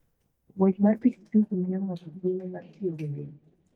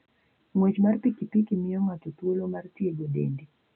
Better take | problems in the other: second | noise reduction (neural mask model DeepFilterNet 3)

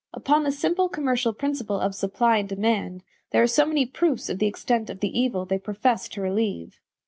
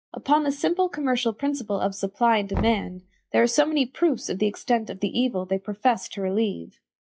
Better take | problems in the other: first | noise reduction (classical method log-MMSE)

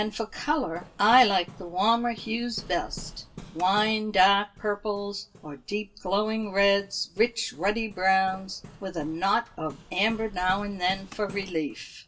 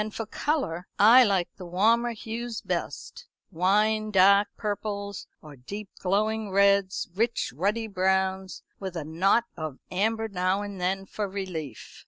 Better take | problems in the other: second | background sound (Hammer); 20 dB below the speech // room echo; dies away in 0.2 s

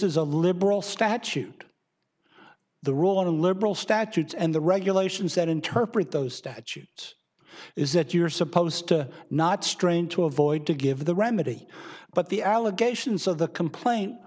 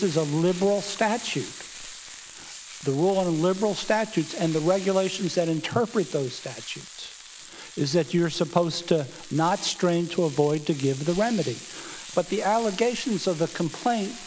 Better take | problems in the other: first | background sound (Frying (food)); 15 dB below the speech

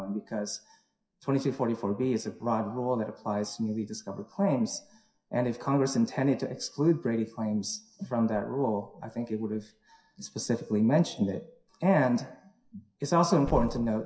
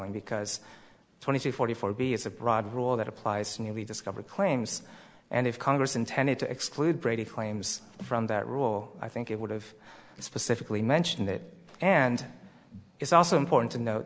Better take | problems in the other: second | noise reduction (classical method WPE with log-MMSE)

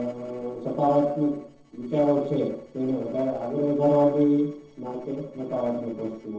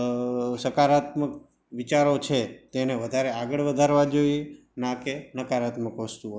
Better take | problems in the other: second | noise reduction (neural separator model SepFormer DNS4)

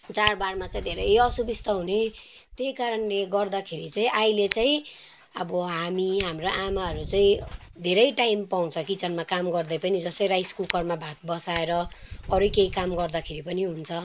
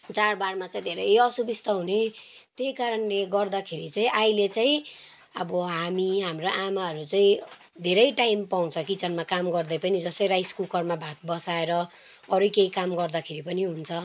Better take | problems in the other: second | background sound (Scissors + Fire); 14 dB below the speech

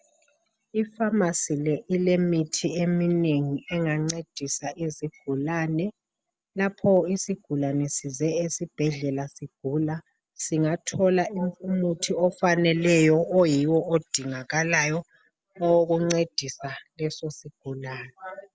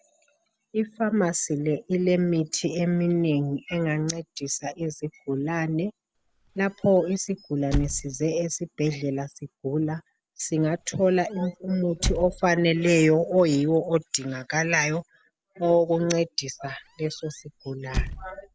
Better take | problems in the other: first | background sound (Squeak / Slam); 9 dB below the speech

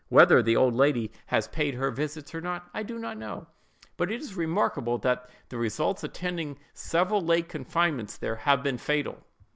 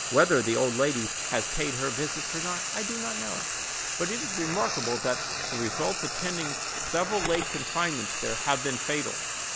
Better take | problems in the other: first | background sound (Frying (food)); 2 dB below the speech

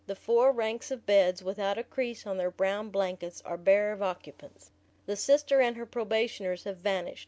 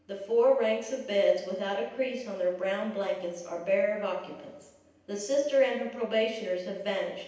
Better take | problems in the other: first | room echo; dies away in 0.9 s

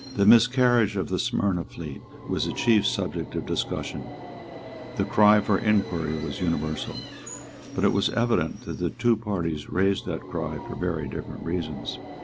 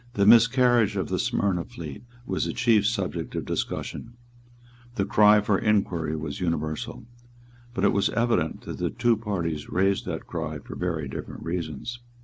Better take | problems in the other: second | background sound (Subway, metro, underground); 15 dB below the speech

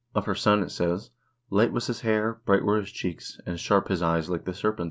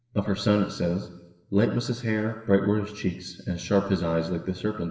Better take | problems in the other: first | room echo; dies away in 1 s

